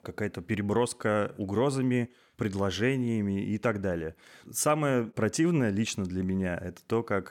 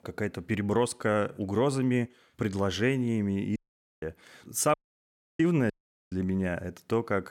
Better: first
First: none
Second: audio cutting out; at 3.5 s, at 4.5 s for 0.5 s and at 5.5 s

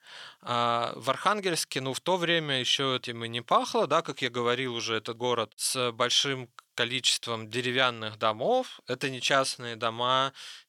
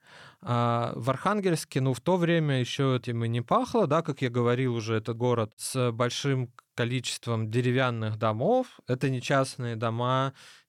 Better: second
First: thin; somewhat; fading below 750 Hz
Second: none

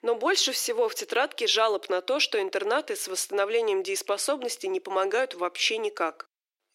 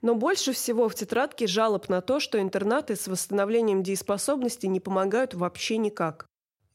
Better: second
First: thin; very; fading below 300 Hz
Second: none

